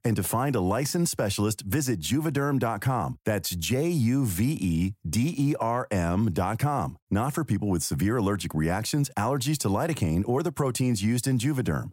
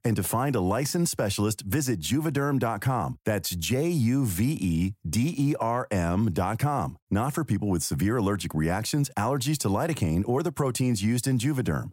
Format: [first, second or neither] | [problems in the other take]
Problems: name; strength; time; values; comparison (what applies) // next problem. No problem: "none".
neither | none